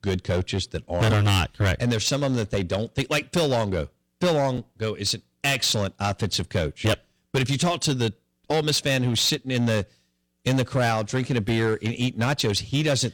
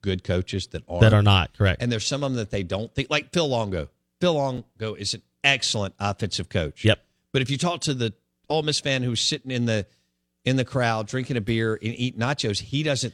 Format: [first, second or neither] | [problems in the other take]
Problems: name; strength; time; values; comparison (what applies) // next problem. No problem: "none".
second | distortion; heavy; 10% of the sound clipped